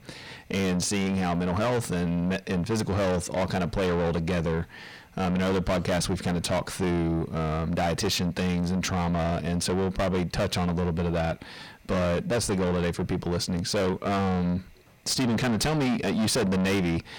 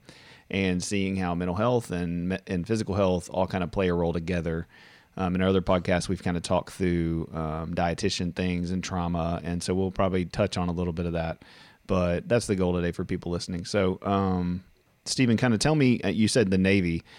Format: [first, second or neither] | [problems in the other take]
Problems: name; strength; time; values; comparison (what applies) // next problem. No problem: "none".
second | distortion; heavy; 6 dB below the speech